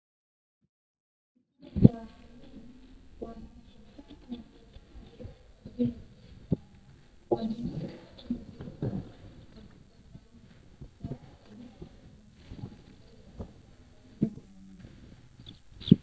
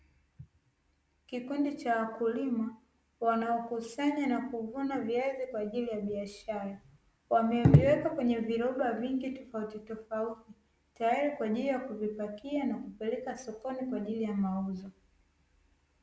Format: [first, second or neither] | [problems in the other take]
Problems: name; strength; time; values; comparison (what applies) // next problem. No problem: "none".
second | noise reduction (neural mask model DeepFilterNet 3)